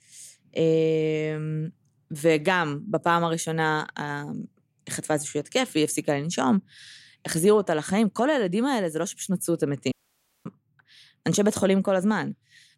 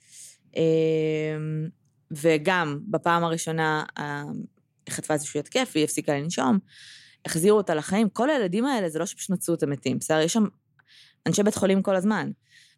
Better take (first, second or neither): second